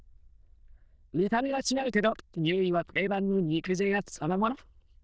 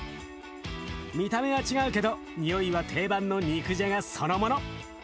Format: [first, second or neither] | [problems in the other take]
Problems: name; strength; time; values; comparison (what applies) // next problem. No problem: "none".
second | noise reduction (neural diffusion model UNIVERSE++)